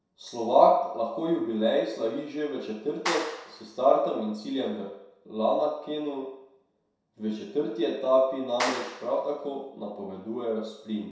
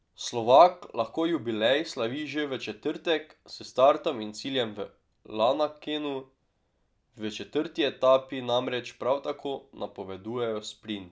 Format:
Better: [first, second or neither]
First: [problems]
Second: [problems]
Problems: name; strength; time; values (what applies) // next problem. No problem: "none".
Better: second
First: background sound (Clapping); 8 dB below the speech // room echo; dies away in 0.7 s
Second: none